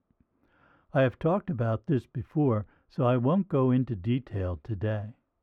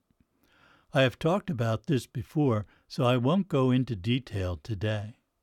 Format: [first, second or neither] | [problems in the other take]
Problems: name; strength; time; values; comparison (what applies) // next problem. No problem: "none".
second | muffled; very; fading above 3 kHz